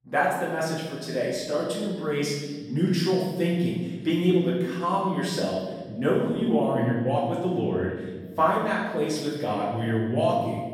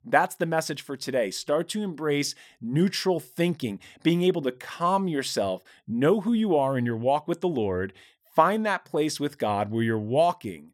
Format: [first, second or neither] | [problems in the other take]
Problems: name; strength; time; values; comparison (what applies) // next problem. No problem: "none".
second | room echo; noticeable; dies away in 1.6 s // off-mic speech; far